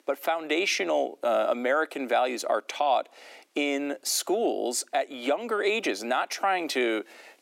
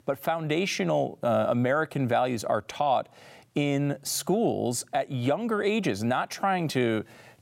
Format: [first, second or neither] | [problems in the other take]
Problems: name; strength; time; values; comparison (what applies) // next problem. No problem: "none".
second | thin; somewhat; fading below 300 Hz